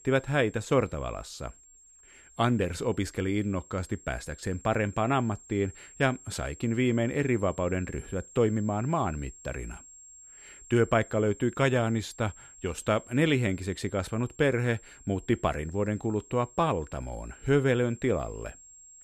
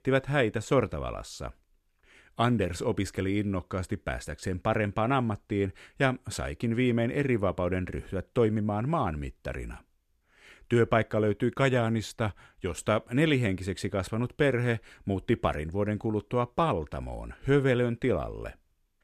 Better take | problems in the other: second | high-pitched whine; faint; throughout; 7.5 kHz, 20 dB below the speech

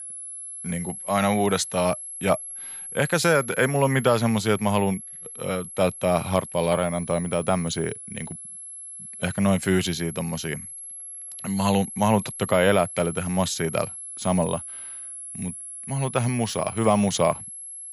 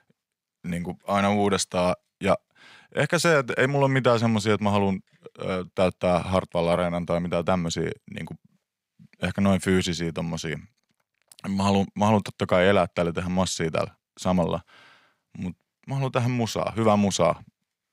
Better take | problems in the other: second | high-pitched whine; noticeable; throughout; 11 kHz, 10 dB below the speech

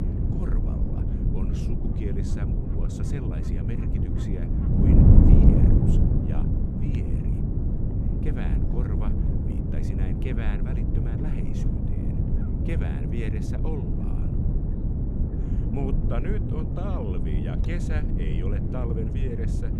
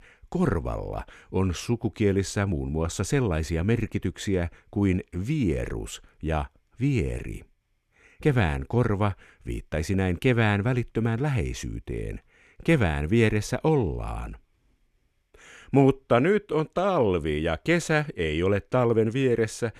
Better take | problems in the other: second | wind noise on the microphone; heavy; 5 dB above the speech

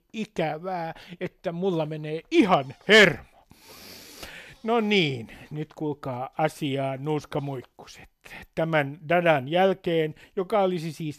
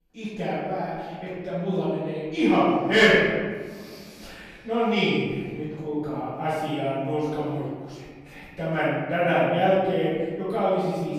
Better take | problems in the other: first | room echo; strong; dies away in 1.5 s // off-mic speech; far

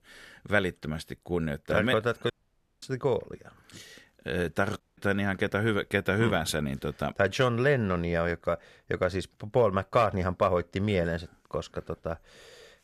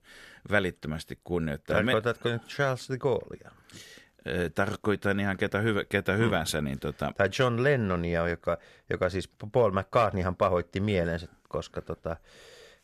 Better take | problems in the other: second | audio cutting out; at 2.5 s for 0.5 s and at 5 s

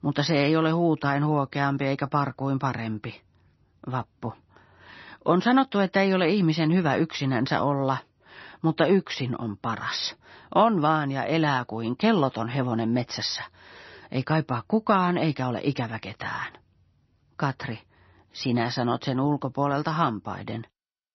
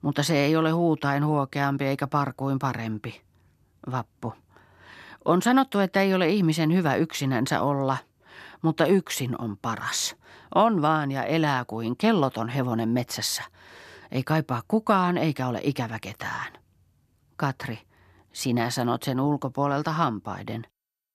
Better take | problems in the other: second | garbled, watery; slightly; nothing above 6 kHz

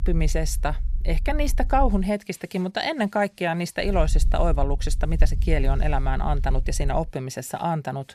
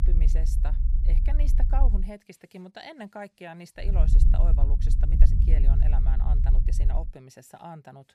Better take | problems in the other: first | low rumble; loud; until 2 s and from 4 to 7 s; 4 dB below the speech; faint in the first

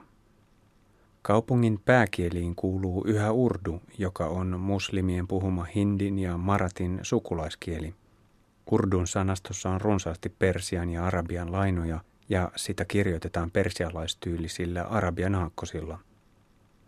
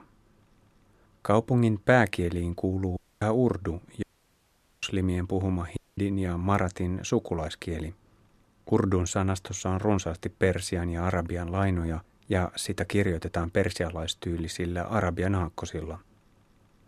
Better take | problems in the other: first | audio cutting out; at 3 s, at 4 s for 1 s and at 6 s

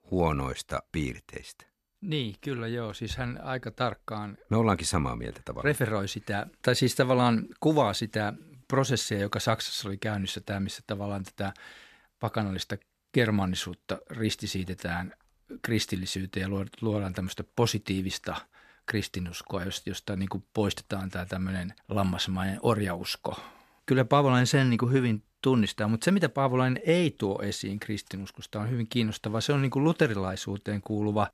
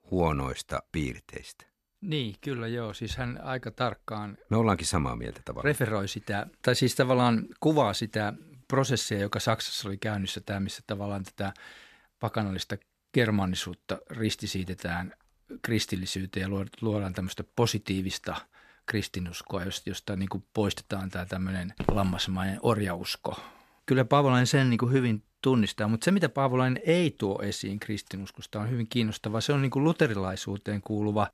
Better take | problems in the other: first | footsteps; noticeable; at 22 s; peak 3 dB below the speech

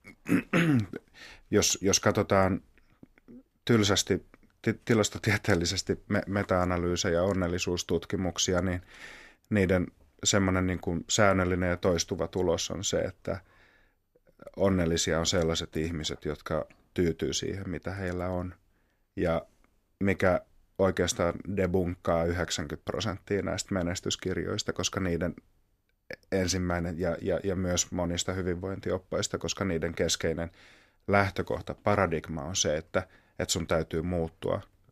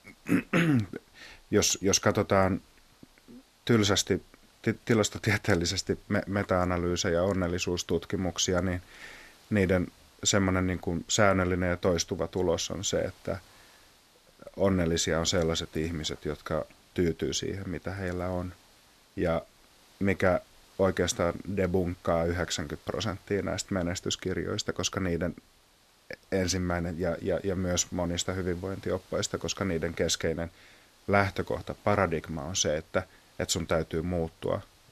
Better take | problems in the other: first | hiss; faint; throughout; 30 dB below the speech

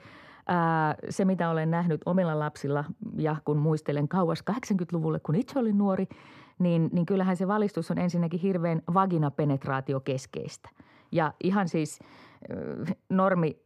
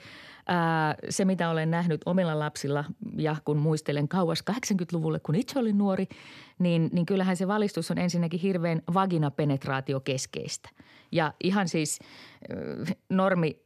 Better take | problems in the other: second | muffled; slightly; fading above 2 kHz

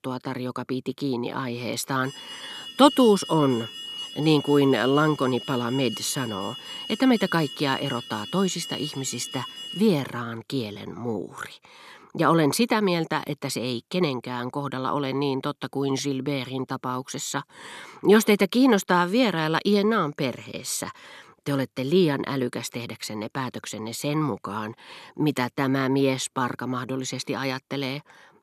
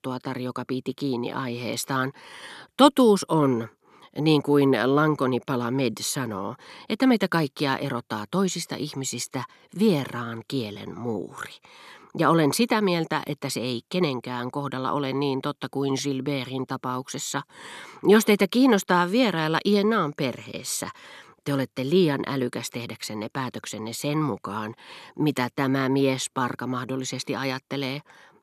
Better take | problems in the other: second | alarm; noticeable; from 2 to 10 s; peak 8 dB below the speech

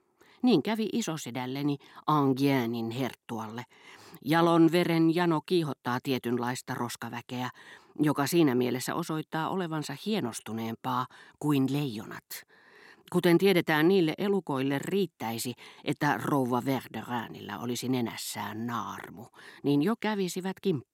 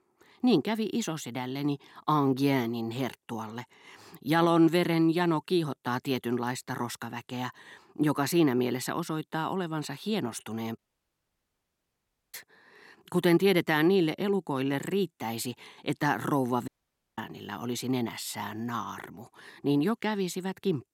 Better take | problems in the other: first | audio cutting out; at 11 s for 1.5 s and at 17 s

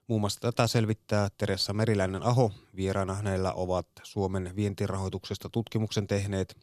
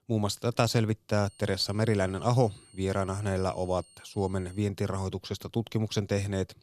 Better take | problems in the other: first | high-pitched whine; faint; from 1.5 to 4.5 s; 8.5 kHz, 25 dB below the speech

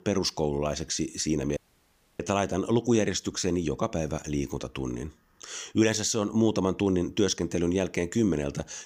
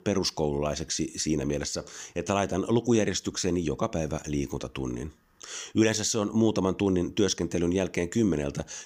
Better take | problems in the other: second | audio cutting out; at 1.5 s for 0.5 s

